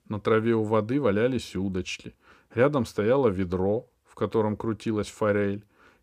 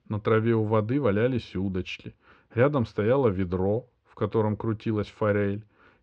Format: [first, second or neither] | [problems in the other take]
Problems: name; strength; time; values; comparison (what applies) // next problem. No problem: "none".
first | muffled; slightly; fading above 4 kHz